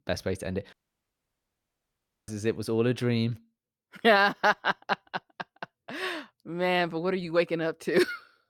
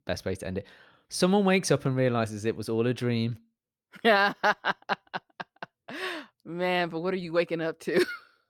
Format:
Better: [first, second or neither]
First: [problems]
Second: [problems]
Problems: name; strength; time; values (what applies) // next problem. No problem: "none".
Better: second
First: audio cutting out; at 0.5 s for 1.5 s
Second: none